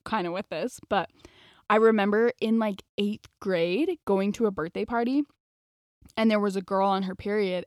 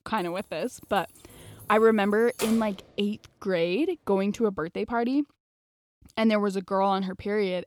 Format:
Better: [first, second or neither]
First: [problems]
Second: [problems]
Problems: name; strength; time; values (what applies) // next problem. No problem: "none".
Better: first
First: none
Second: jangling keys; noticeable; until 3 s; peak 9 dB below the speech